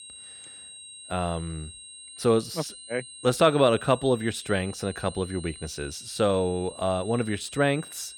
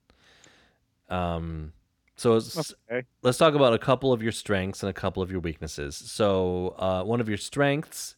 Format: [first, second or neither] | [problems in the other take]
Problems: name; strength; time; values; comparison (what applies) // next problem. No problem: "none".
second | high-pitched whine; noticeable; throughout; 8.5 kHz, 15 dB below the speech